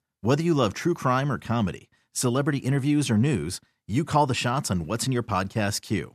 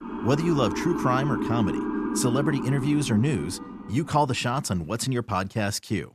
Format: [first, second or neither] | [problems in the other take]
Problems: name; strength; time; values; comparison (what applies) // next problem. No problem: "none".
first | siren; noticeable; until 4.5 s; peak 2 dB below the speech